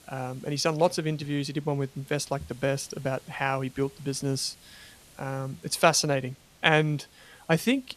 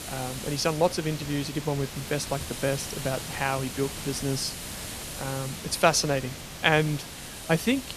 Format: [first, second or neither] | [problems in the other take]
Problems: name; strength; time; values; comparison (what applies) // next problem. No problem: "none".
first | hiss; loud; throughout; 8 dB below the speech; faint in the first